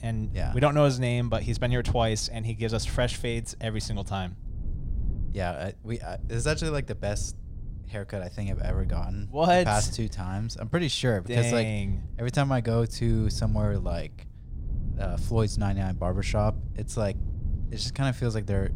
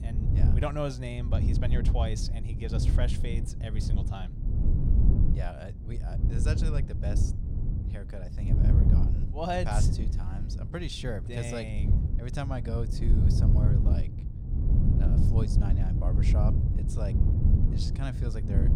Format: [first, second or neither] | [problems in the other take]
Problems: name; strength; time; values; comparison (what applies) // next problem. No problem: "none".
first | wind noise on the microphone; heavy; 3 dB below the speech; occasional gusts in the first